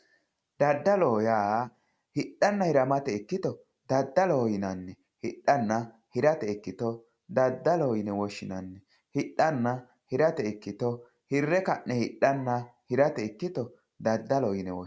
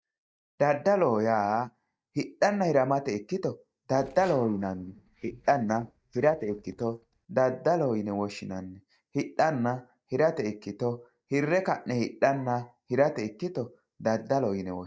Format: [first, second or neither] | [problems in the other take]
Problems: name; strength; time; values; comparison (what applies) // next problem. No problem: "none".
first | noise reduction (neural mask model DeepFilterNet 3)